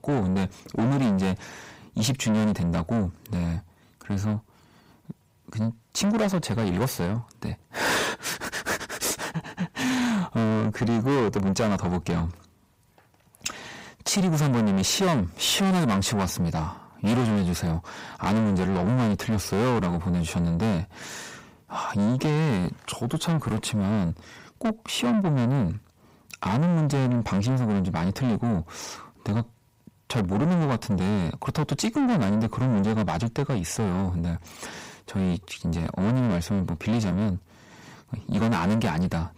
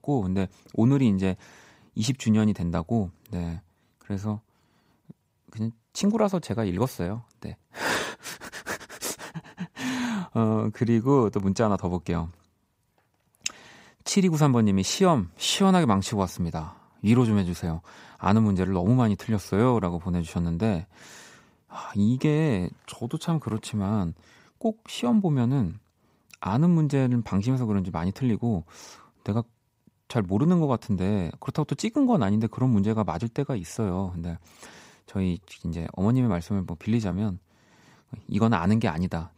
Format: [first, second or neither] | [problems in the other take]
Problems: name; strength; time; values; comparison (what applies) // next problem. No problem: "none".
second | distortion; heavy; 6 dB below the speech